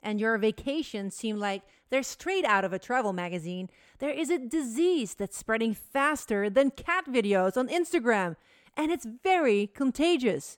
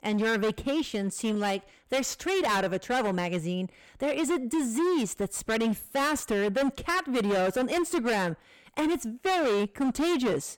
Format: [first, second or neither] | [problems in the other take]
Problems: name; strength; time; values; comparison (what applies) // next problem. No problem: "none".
first | distortion; heavy; 22% of the sound clipped